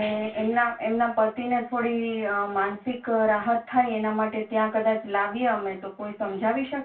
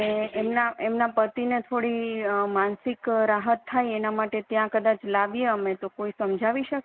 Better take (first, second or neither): second